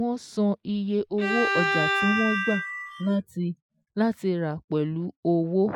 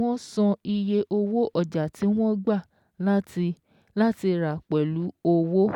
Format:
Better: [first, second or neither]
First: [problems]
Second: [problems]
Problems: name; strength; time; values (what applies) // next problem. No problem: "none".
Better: second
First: noise reduction (classical method Wiener filter)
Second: none